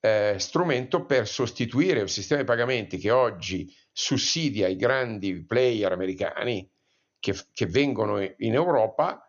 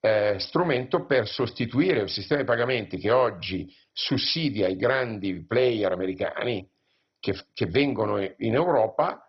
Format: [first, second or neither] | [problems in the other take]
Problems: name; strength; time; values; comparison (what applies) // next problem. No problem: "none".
first | garbled, watery; badly; nothing above 5.5 kHz; slightly in the first